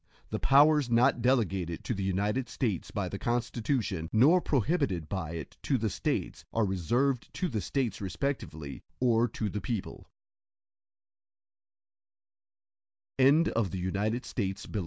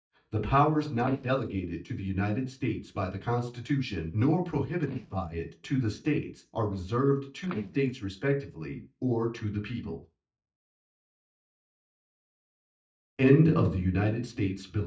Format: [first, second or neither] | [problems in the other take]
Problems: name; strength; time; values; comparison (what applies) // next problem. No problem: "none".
first | noise reduction (neural mask model DeepFilterNet 3)